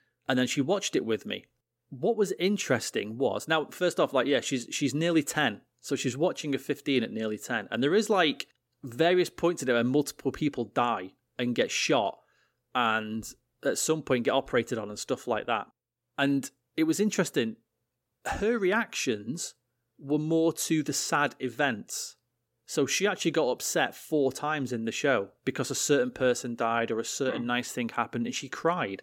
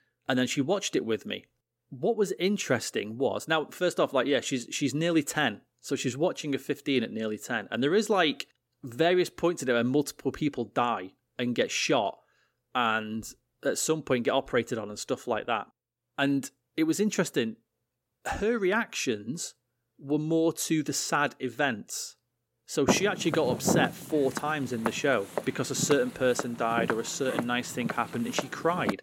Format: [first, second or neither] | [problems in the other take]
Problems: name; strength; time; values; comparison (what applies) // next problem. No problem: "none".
first | footsteps; loud; from 23 s on; peak 1 dB above the speech